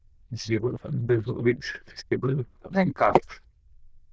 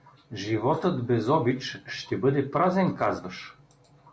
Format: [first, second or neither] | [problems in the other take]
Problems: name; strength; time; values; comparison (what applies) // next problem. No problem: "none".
second | noise reduction (neural diffusion model UNIVERSE++)